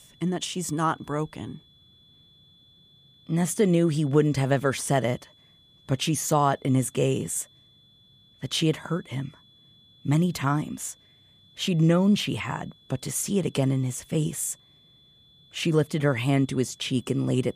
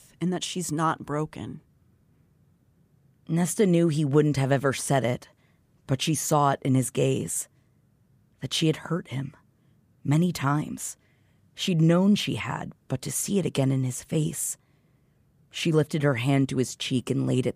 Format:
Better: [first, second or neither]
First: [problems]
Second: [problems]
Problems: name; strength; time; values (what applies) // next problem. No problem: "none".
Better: second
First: high-pitched whine; faint; throughout; 3.5 kHz, 30 dB below the speech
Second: none